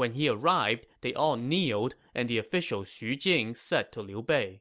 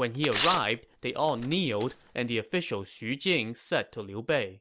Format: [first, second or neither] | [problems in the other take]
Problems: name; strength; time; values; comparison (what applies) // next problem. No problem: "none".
first | background sound (Tearing); 7 dB below the speech